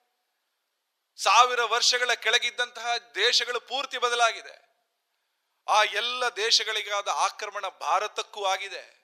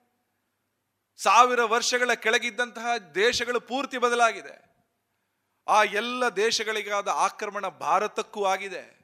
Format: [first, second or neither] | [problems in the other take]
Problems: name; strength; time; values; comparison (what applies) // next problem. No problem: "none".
second | thin; very; fading below 500 Hz